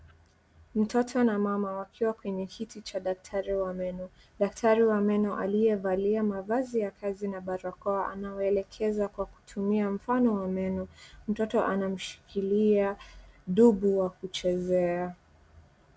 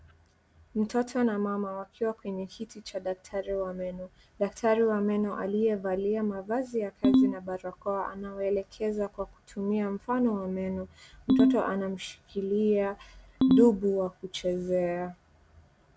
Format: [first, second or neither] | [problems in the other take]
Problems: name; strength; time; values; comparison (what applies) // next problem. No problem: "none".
first | background sound (Ringtone); 4 dB above the speech